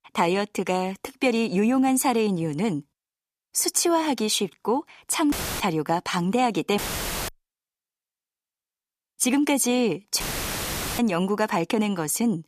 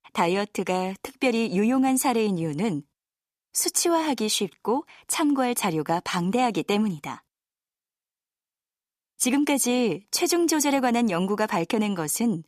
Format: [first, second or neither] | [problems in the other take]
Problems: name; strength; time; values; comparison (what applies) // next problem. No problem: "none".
second | audio cutting out; filled with static; at 5.5 s, at 7 s for 0.5 s and at 10 s for 1 s